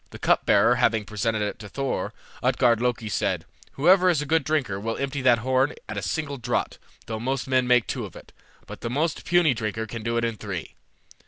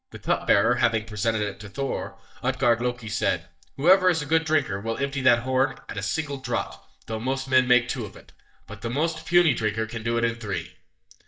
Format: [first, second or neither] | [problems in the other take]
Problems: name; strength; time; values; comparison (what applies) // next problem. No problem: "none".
first | noise reduction (neural mask model DeepFilterNet 3)